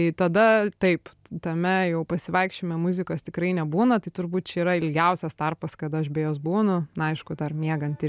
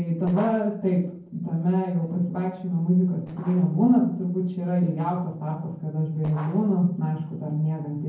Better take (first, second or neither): first